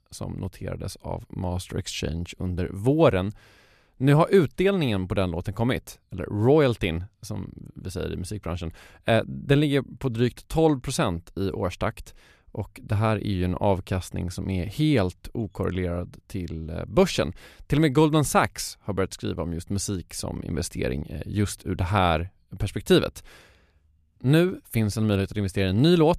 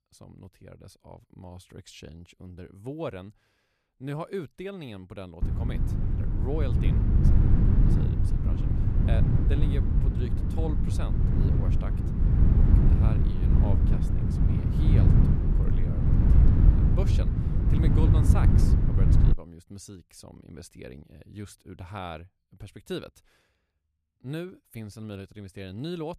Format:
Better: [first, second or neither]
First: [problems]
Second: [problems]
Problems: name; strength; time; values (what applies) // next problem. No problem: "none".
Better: first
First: none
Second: wind noise on the microphone; heavy; from 5.5 to 19 s; 4 dB above the speech